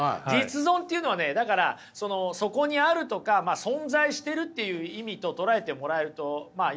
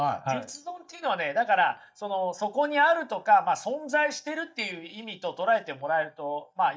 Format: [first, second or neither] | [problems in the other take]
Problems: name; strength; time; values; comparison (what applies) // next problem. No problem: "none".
first | noise reduction (neural mask model DeepFilterNet 3)